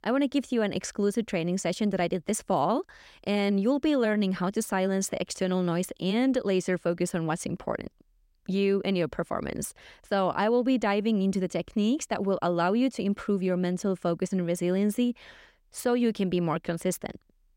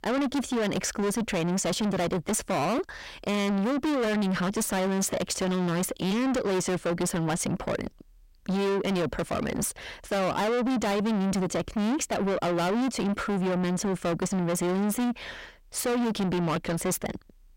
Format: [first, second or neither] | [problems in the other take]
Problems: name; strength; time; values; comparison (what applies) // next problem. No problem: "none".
first | distortion; heavy; 6 dB below the speech